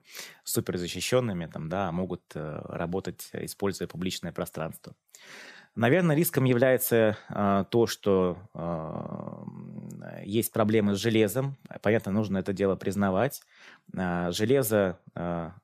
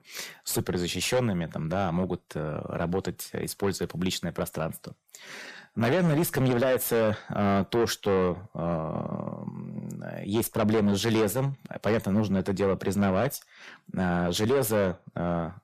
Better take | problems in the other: first | distortion; heavy; 7 dB below the speech

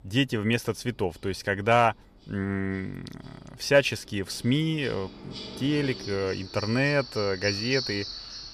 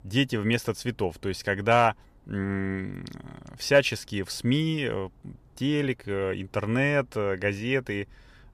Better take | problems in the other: second | animal sounds; loud; throughout; 9 dB below the speech

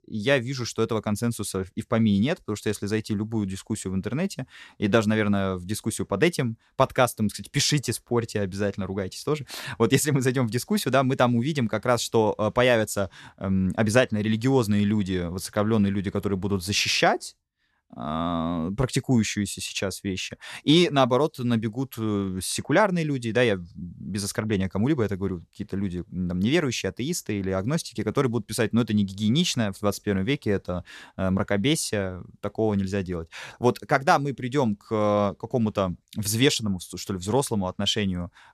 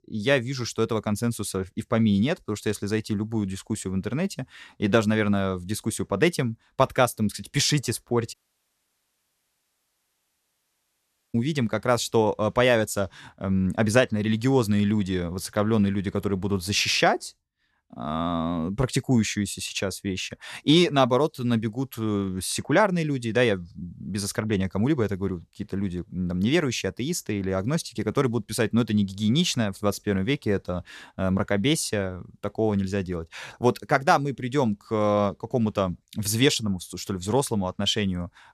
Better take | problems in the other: first | audio cutting out; at 8.5 s for 3 s

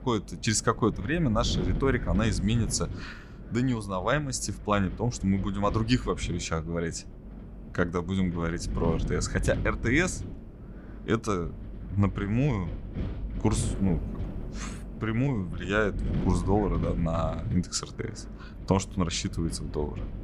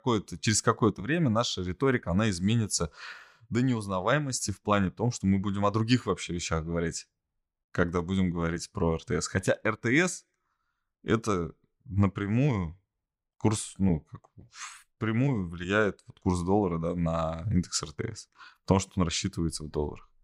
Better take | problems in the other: second | wind noise on the microphone; occasional gusts; 15 dB below the speech

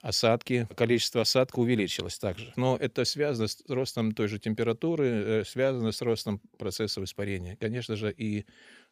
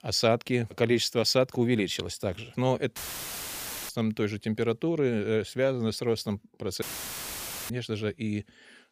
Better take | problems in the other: first | audio cutting out; filled with static; at 3 s for 1 s and at 7 s for 1 s

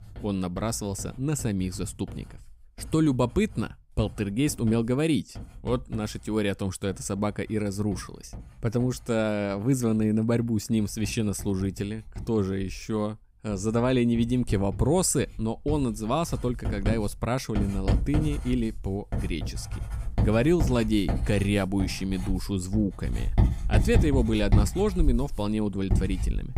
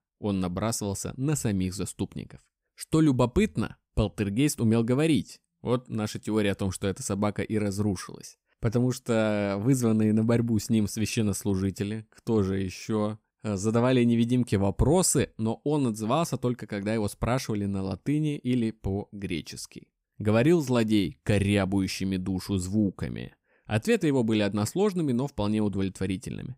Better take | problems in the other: second | household noises; loud; throughout; 5 dB below the speech

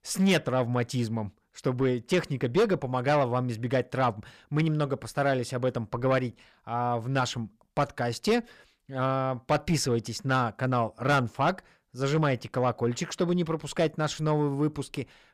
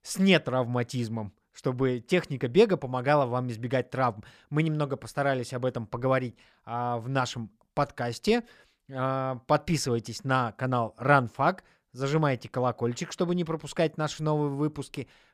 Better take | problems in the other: second | distortion; slight; 10 dB below the speech

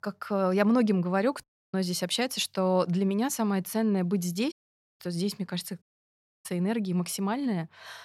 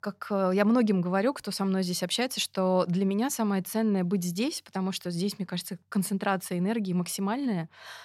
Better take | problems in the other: second | audio cutting out; at 1.5 s, at 4.5 s and at 6 s for 0.5 s

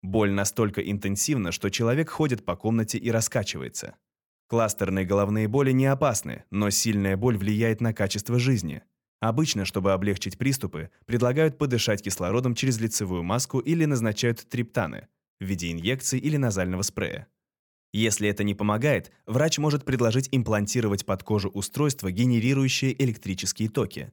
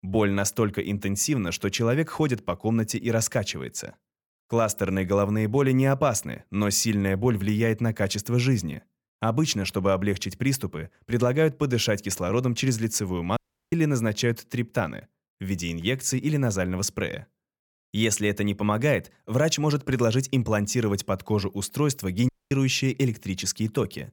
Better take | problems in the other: first | audio cutting out; at 13 s and at 22 s

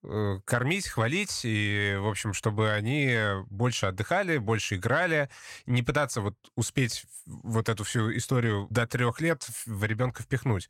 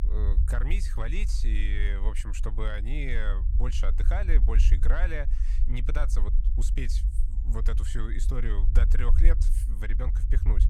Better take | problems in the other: first | low rumble; noticeable; throughout; 10 dB below the speech

